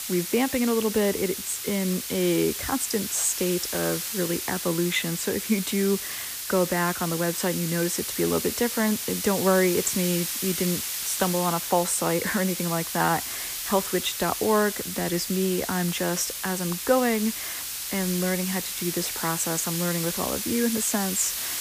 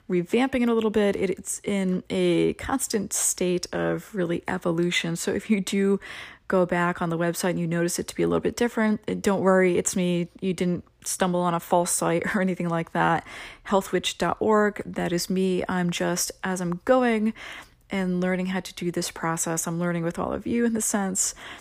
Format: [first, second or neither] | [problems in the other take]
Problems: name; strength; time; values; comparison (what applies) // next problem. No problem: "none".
second | hiss; loud; throughout; 3 dB below the speech